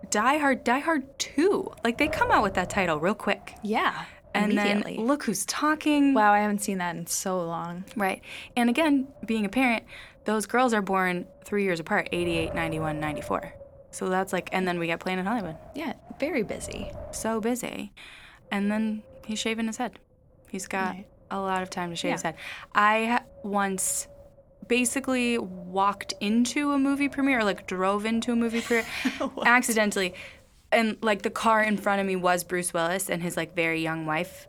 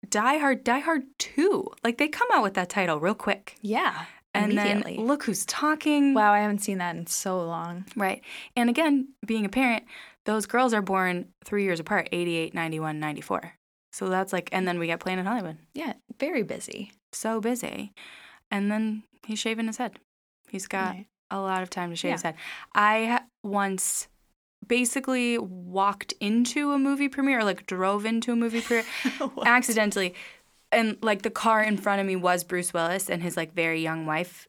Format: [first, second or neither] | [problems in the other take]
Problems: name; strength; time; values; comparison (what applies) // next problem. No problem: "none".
second | wind noise on the microphone; occasional gusts; 20 dB below the speech